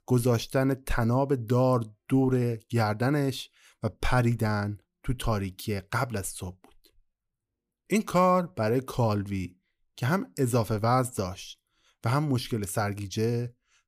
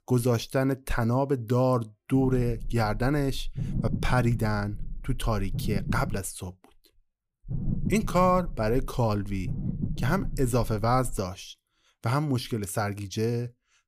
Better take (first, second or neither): first